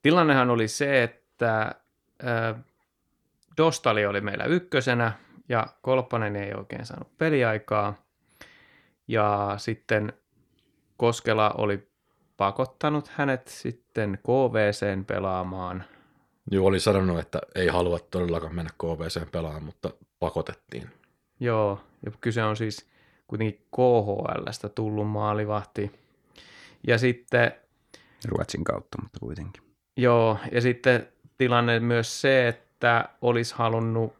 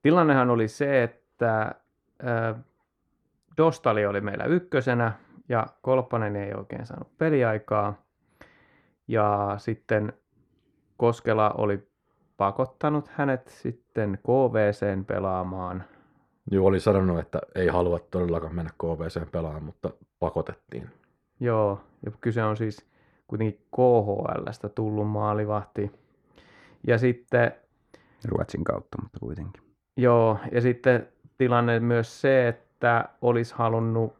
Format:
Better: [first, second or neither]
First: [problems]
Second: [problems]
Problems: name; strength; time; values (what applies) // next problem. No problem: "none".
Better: first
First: none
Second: muffled; slightly; fading above 2 kHz